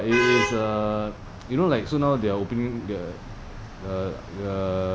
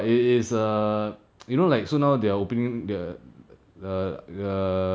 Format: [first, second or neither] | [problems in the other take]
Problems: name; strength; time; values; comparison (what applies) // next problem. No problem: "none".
second | background sound (Traffic noise, roadway noise / Vehicle horn, car horn, honking); 7 dB below the speech